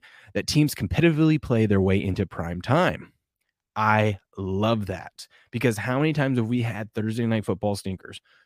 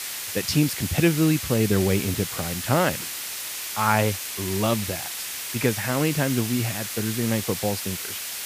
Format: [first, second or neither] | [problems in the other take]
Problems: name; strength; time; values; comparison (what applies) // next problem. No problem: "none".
first | hiss; loud; throughout; 5 dB below the speech